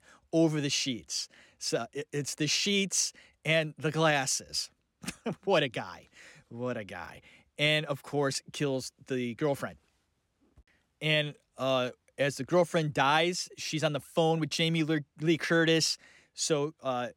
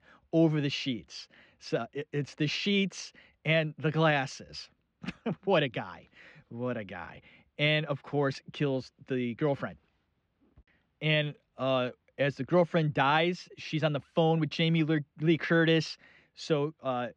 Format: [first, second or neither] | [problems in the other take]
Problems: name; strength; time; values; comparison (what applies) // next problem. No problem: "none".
first | muffled; slightly; fading above 3.5 kHz